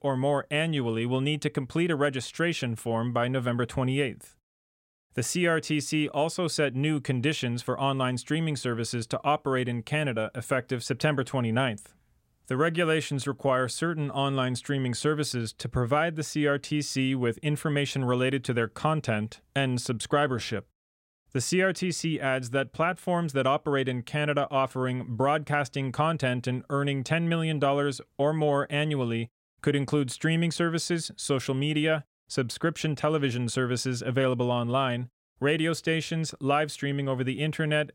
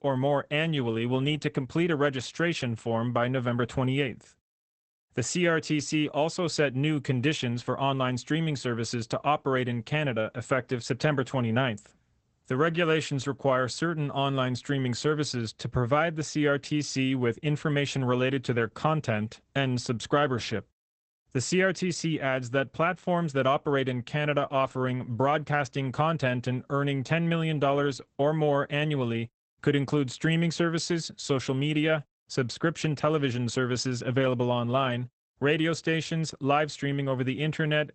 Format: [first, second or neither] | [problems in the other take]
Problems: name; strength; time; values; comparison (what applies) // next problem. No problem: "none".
first | garbled, watery; badly; nothing above 8 kHz